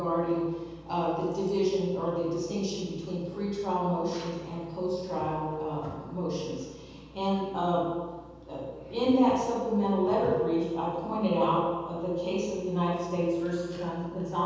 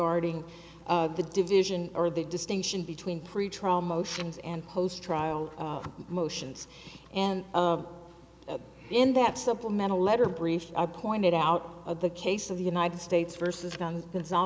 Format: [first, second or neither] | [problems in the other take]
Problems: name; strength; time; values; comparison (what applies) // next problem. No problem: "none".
second | room echo; dies away in 1.2 s